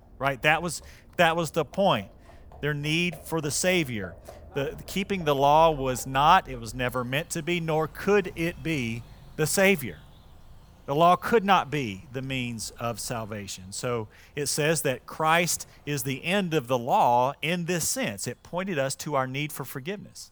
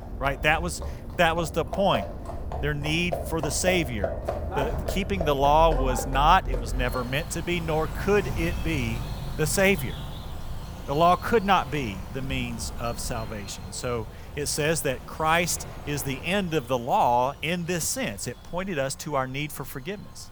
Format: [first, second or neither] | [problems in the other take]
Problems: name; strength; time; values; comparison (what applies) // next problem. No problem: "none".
first | animal sounds; loud; throughout; 9 dB below the speech; faint in the first